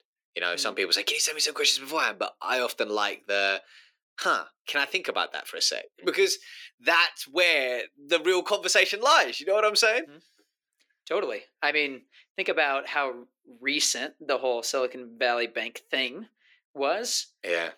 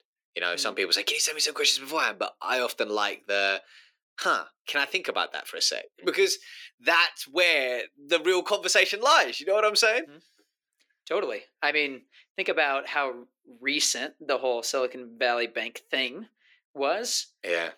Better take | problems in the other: neither | thin; somewhat; fading below 350 Hz; the same in both

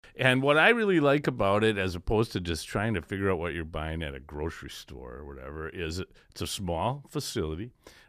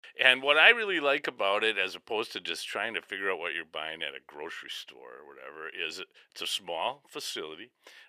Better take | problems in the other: first | thin; very; fading below 550 Hz

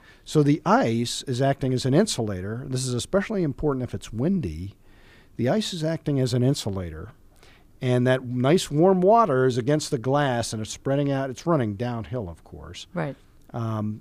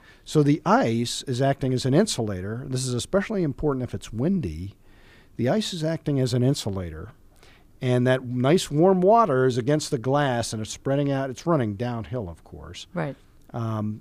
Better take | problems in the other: neither | none

